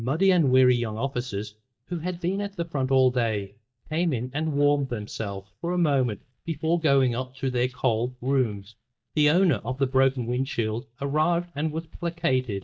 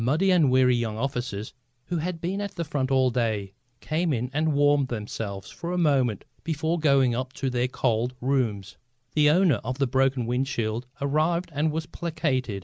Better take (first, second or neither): second